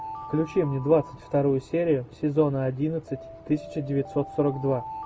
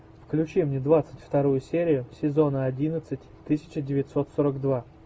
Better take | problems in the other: second | background sound (Alarm); 16 dB below the speech

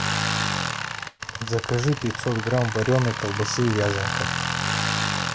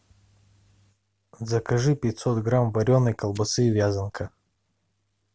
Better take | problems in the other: second | background sound (Tools); 1 dB below the speech

